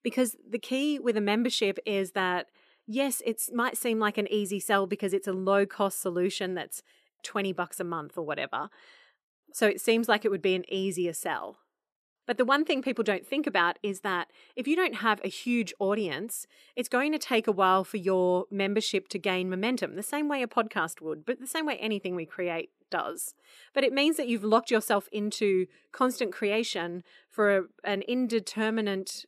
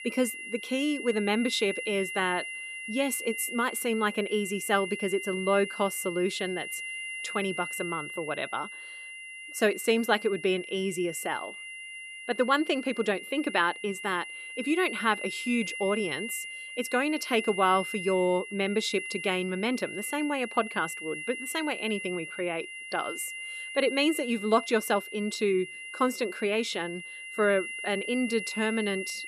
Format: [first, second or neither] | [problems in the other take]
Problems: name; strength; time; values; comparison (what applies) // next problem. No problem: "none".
first | high-pitched whine; loud; throughout; 2 kHz, 8 dB below the speech